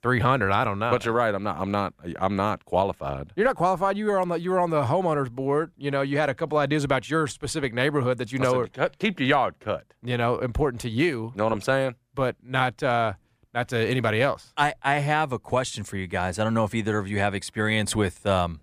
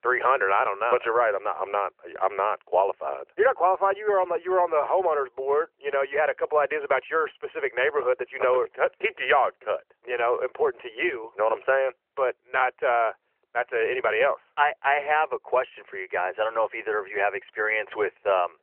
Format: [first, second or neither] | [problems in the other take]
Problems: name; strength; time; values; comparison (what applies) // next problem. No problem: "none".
first | phone-call audio; nothing above 3 kHz